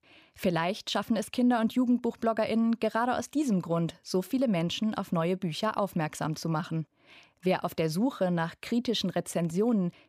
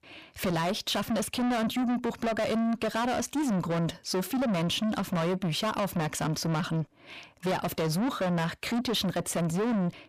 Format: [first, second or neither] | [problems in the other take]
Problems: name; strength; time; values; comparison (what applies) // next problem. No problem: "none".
first | distortion; heavy; 7 dB below the speech